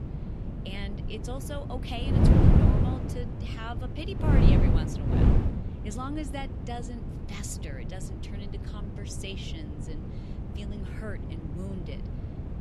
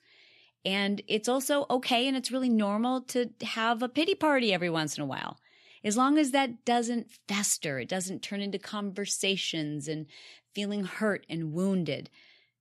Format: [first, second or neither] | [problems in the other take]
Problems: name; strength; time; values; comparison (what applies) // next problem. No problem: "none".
second | wind noise on the microphone; heavy; 2 dB above the speech